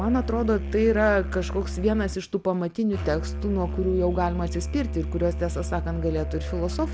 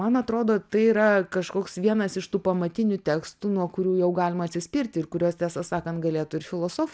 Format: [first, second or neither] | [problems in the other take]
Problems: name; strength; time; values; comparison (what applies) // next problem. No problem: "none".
second | background sound (Musical instrument); 5 dB below the speech